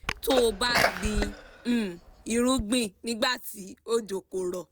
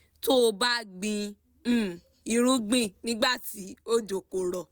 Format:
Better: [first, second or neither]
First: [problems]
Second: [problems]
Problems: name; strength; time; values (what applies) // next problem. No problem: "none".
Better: second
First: background sound (Sneeze); 3 dB below the speech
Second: none